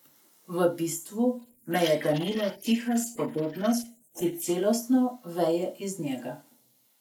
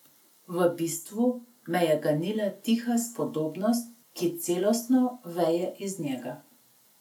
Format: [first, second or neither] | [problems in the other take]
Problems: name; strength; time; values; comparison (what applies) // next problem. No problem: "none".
second | noise reduction (neural mask model Resemble Enhance denoiser)